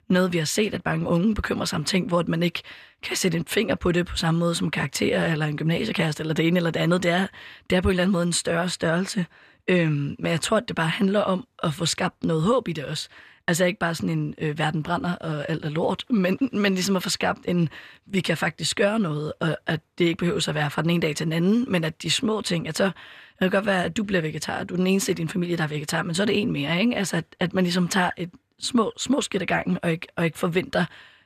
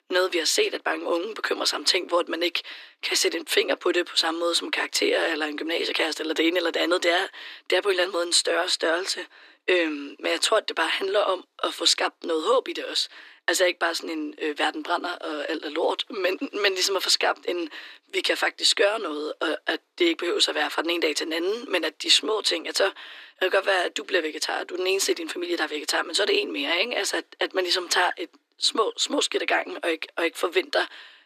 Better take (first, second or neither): first